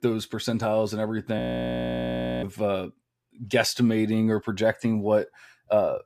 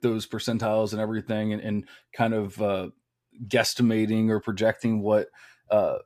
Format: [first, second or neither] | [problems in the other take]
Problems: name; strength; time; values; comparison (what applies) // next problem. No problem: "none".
second | audio freezing; at 1.5 s for 1 s